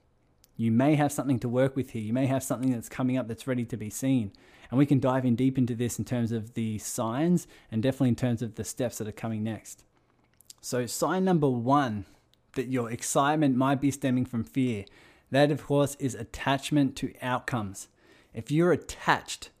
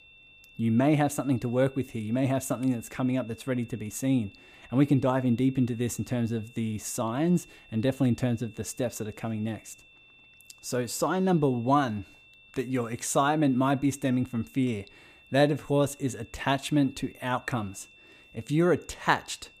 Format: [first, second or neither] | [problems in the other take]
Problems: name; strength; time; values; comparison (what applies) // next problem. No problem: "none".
first | high-pitched whine; faint; throughout; 2.5 kHz, 25 dB below the speech